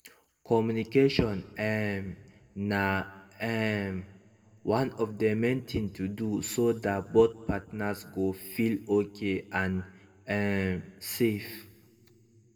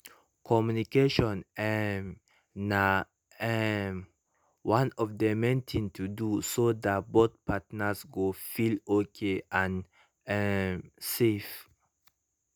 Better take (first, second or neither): second